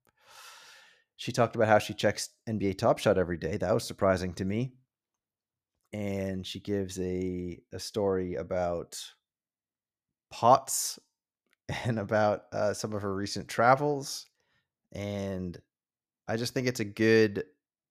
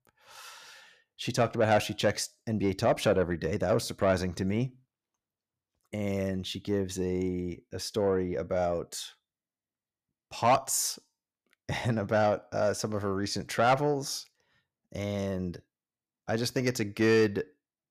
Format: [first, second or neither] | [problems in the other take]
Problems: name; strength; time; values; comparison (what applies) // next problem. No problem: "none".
first | distortion; slight; 10 dB below the speech